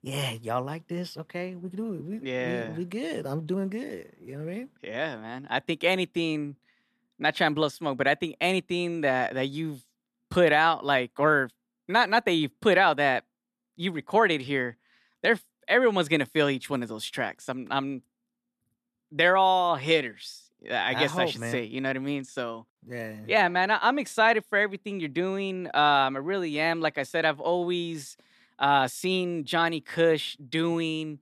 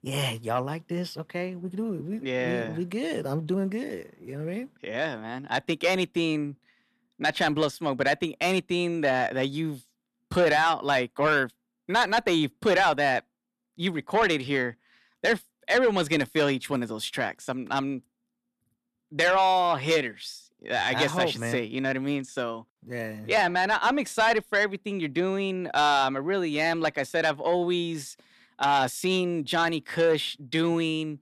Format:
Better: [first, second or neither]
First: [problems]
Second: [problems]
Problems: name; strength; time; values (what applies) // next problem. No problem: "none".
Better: first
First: none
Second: distortion; slight; 10 dB below the speech